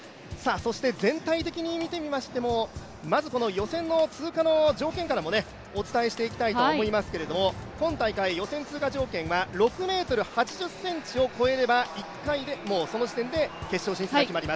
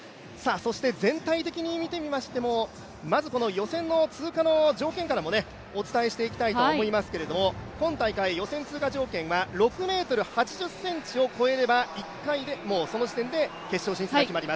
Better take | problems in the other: second | background sound (Drum kit); 19 dB below the speech

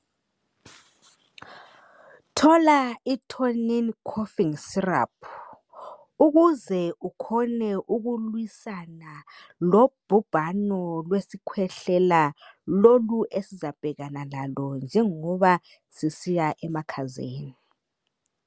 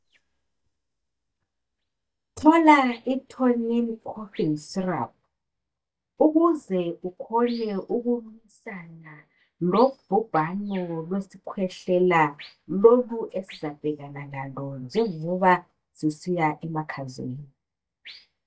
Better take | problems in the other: first | noise reduction (neural mask model DeepFilterNet 3)

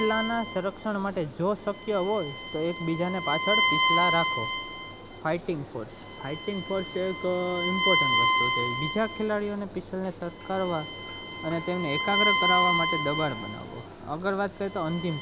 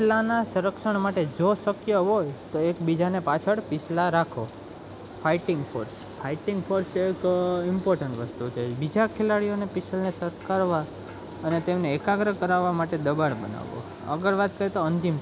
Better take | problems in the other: second | background sound (Bowed string instrument); as loud as the speech

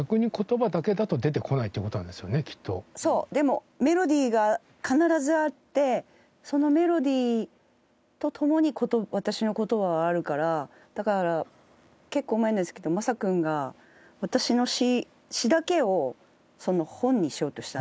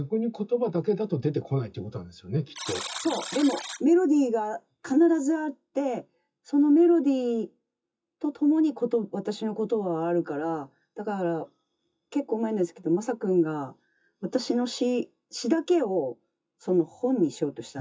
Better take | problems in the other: first | noise reduction (classical method WPE with log-MMSE)

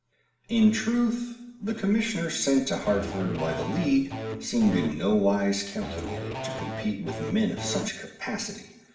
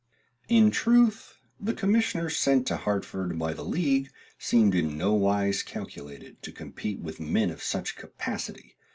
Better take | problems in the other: second | background sound (Electric guitar / Bass guitar); 7 dB below the speech // room echo; dies away in 0.8 s

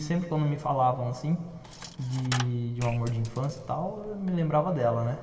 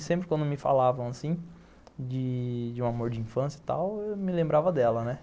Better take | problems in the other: second | background sound (Coin (dropping)); 14 dB below the speech // room echo; dies away in 2.2 s

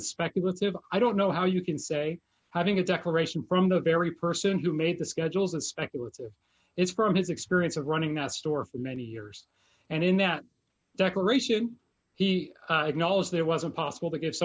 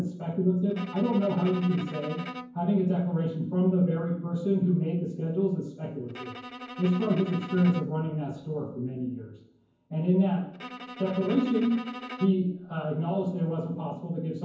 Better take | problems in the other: first | background sound (Bowed string instrument); 14 dB below the speech // room echo; dies away in 0.9 s

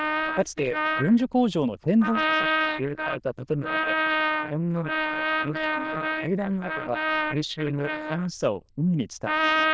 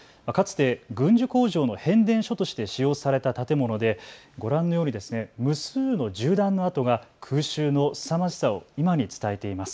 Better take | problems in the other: second | noise reduction (neural diffusion model UNIVERSE++)

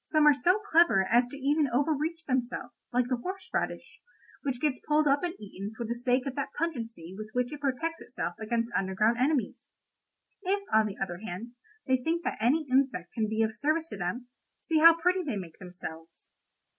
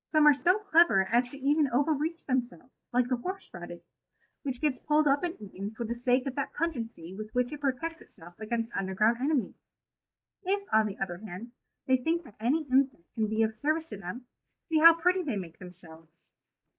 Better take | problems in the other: first | noise reduction (neural mask model DeepFilterNet 3)

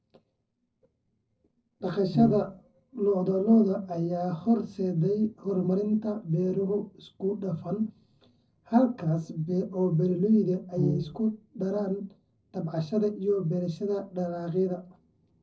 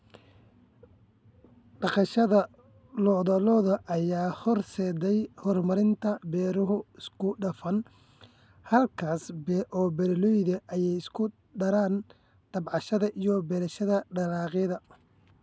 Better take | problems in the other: second | noise reduction (neural separator model SepFormer DNS4)

